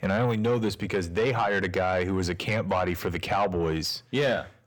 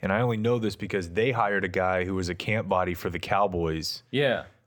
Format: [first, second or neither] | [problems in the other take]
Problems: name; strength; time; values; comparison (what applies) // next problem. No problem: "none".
second | distortion; slight; 10 dB below the speech